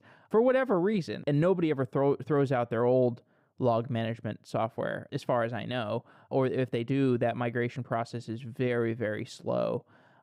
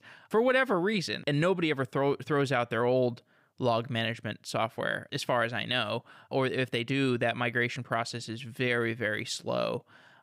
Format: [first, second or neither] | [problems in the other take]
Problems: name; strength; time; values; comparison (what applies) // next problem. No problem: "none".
second | muffled; slightly; fading above 1.5 kHz